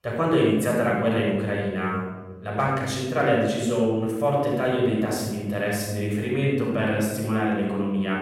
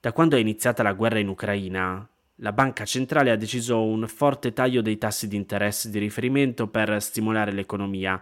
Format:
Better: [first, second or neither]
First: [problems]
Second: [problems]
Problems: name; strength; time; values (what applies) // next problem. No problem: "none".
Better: second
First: off-mic speech; far // room echo; strong; dies away in 1.5 s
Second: none